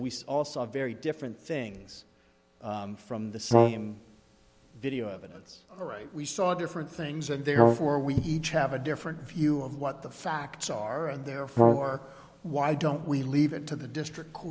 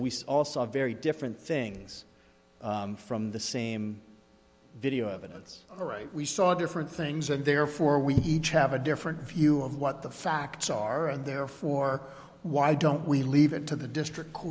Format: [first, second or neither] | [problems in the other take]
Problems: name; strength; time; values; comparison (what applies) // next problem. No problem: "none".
second | background sound (Brass instrument); 4 dB above the speech